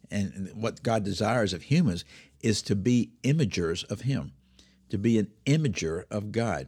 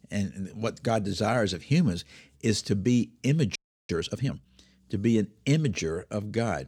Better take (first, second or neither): first